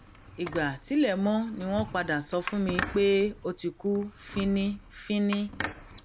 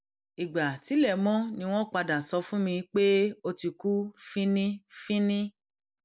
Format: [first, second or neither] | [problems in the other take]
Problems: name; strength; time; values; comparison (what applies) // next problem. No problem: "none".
second | background sound (Squeak); 11 dB below the speech